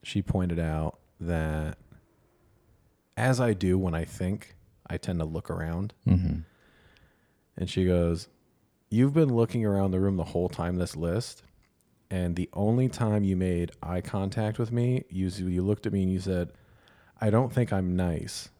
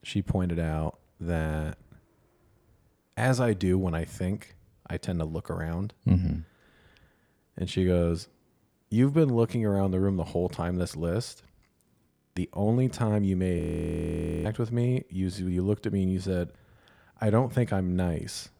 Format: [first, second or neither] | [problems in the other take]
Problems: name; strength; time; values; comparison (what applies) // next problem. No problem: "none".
first | audio freezing; at 12 s and at 14 s for 1 s